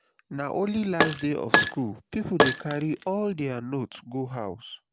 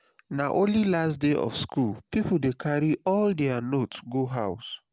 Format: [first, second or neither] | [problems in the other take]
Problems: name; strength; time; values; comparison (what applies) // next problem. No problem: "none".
second | background sound (Glass); 2 dB above the speech